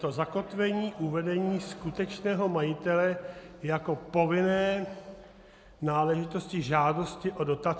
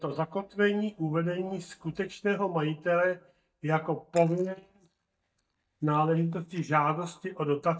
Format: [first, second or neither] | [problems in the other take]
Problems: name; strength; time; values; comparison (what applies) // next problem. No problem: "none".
first | noise reduction (neural mask model DeepFilterNet 3)